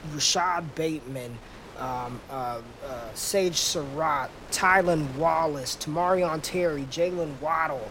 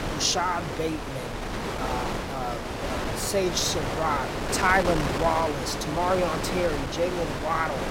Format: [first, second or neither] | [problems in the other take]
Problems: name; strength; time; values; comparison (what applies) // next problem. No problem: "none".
first | wind noise on the microphone; heavy; 4 dB below the speech; occasional gusts in the first